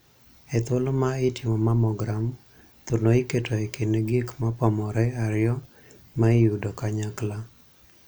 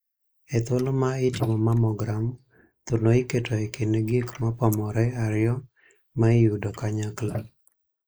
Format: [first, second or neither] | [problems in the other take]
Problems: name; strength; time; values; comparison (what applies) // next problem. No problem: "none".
first | noise reduction (neural mask model Resemble Enhance denoiser)